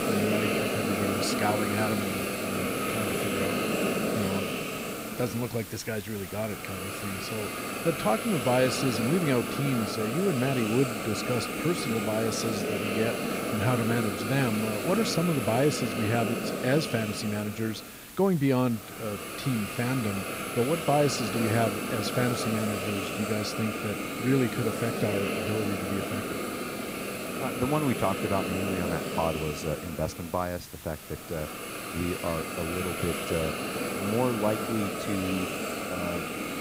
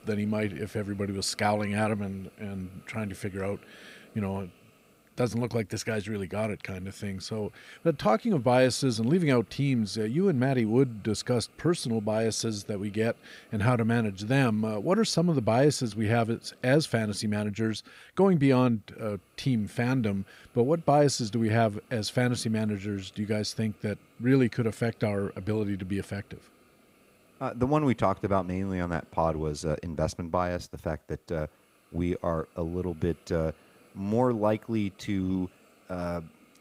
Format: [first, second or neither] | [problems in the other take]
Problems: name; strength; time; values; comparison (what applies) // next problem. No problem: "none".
second | hiss; loud; throughout; 1 dB below the speech; faint in the second